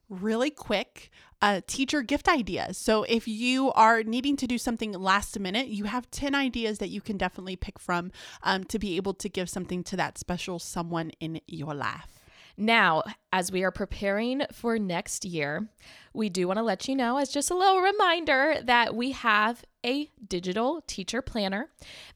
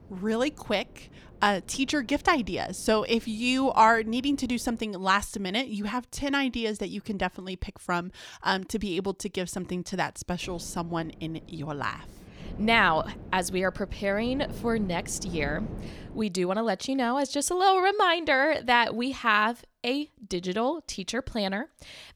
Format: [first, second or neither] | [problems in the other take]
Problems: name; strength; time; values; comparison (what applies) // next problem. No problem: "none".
first | wind noise on the microphone; occasional gusts; until 5 s and from 10 to 16 s; 25 dB below the speech